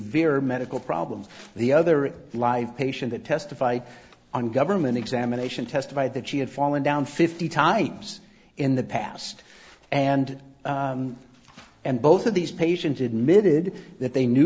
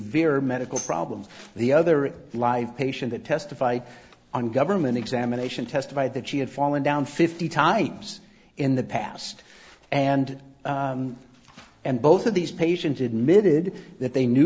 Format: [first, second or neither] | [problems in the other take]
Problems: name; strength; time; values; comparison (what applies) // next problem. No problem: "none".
first | background sound (Tambourine); 17 dB below the speech